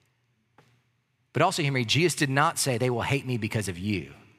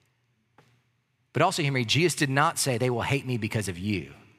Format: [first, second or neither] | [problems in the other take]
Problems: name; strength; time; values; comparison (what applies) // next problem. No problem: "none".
neither | none